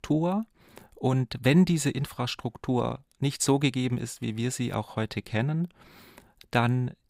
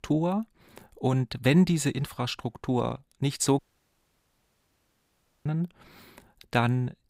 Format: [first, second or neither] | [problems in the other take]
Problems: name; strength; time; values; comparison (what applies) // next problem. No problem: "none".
first | audio cutting out; at 3.5 s for 2 s